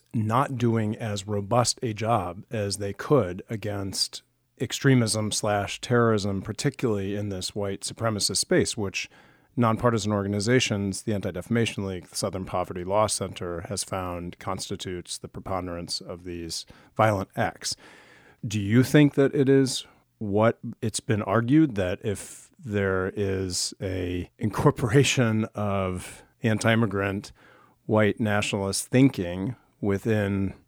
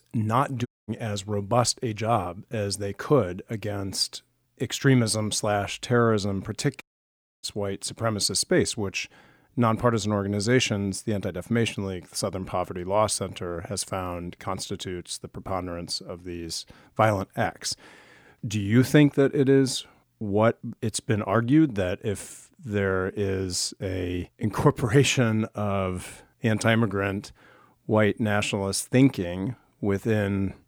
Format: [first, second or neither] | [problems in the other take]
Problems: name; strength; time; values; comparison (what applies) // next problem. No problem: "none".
first | audio cutting out; at 0.5 s and at 7 s for 0.5 s